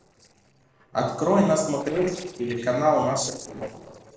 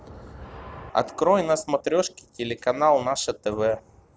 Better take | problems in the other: second | noise reduction (neural separator model SepFormer DNS4)

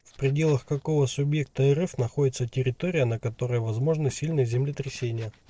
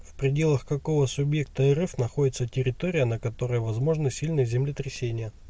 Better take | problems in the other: second | noise reduction (neural separator model SepFormer DNS4)

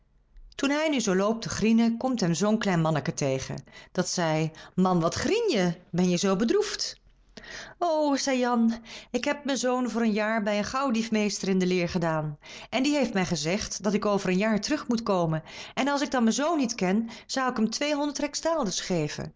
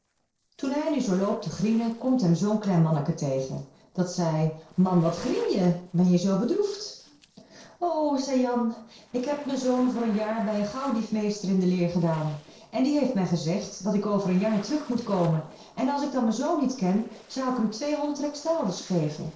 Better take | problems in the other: first | noise reduction (neural separator model SepFormer DNS4)

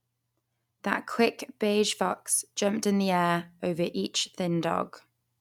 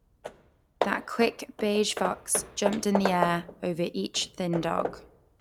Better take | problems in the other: first | background sound (Hammer / Wood); 6 dB below the speech

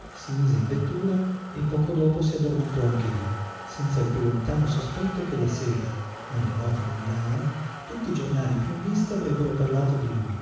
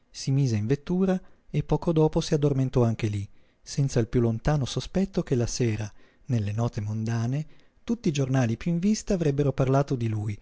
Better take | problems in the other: second | background sound (Motor vehicle (road)); 14 dB below the speech // room echo; dies away in 1.1 s

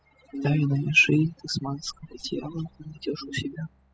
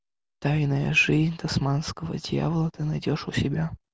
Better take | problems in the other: second | noise reduction (classical method spectral subtraction)

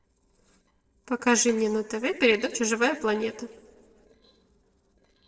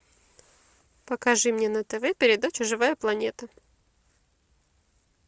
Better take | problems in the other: second | noise reduction (neural separator model SepFormer DNS4)

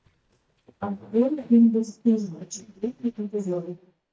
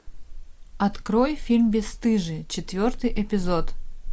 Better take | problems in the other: second | noise reduction (neural mask model DeepFilterNet 3)

